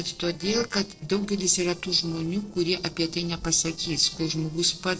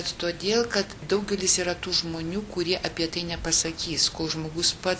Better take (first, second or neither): second